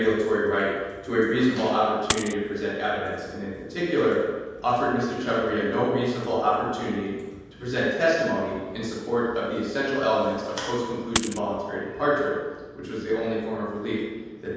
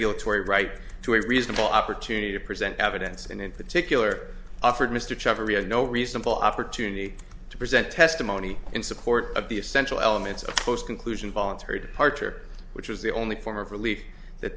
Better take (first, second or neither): second